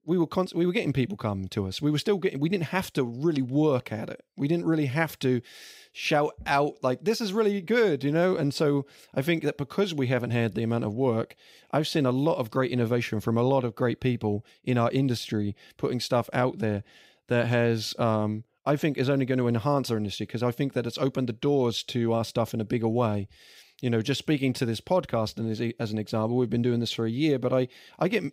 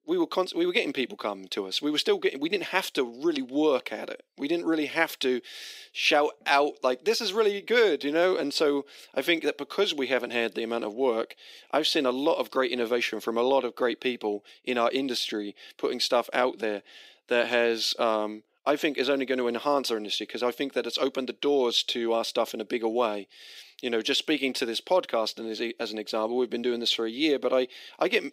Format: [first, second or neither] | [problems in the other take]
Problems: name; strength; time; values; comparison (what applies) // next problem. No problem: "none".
first | thin; somewhat; fading below 300 Hz